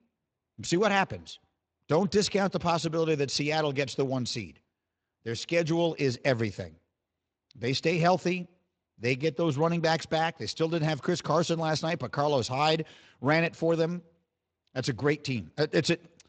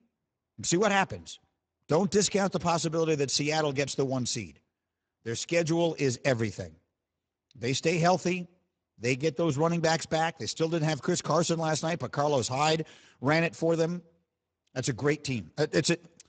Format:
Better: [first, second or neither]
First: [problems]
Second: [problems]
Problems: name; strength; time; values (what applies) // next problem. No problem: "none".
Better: first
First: garbled, watery; slightly; nothing above 8 kHz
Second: garbled, watery; badly; nothing above 8 kHz